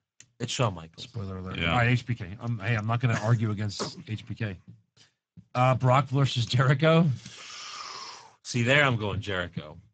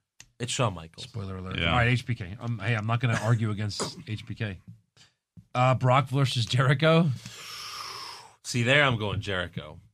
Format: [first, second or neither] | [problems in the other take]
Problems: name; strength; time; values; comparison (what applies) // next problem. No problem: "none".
second | garbled, watery; badly; nothing above 7.5 kHz